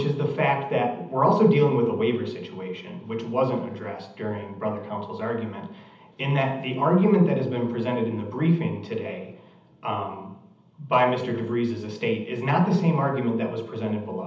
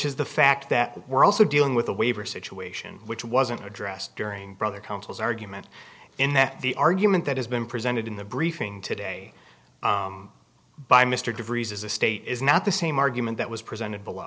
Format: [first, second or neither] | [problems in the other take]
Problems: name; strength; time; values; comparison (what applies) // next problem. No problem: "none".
second | room echo; dies away in 0.8 s